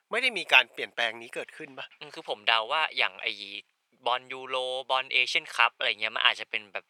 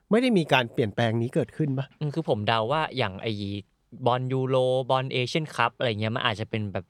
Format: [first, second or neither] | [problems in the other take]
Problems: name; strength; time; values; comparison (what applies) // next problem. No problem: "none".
second | thin; very; fading below 900 Hz